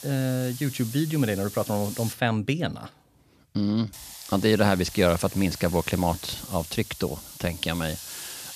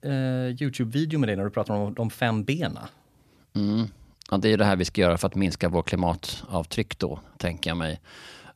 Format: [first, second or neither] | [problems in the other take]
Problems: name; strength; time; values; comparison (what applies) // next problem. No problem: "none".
second | hiss; noticeable; until 2 s and from 4 s on; 10 dB below the speech